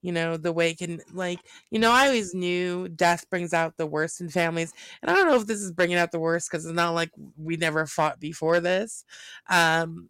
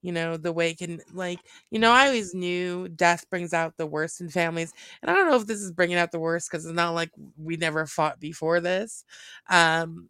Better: second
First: distortion; slight; 1.5% of the sound clipped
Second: none

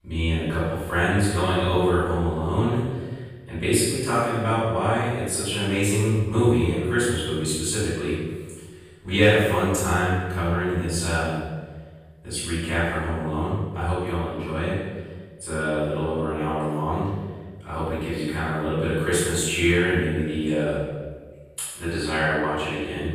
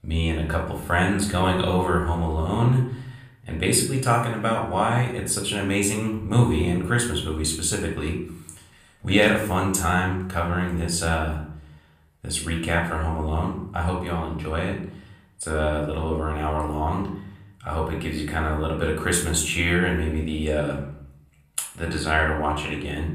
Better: second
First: room echo; strong; dies away in 1.2 s // off-mic speech; far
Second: room echo; slight; dies away in 0.6 s // off-mic speech; somewhat distant

